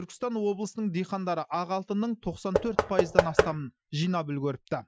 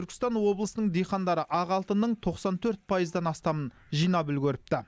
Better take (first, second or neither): second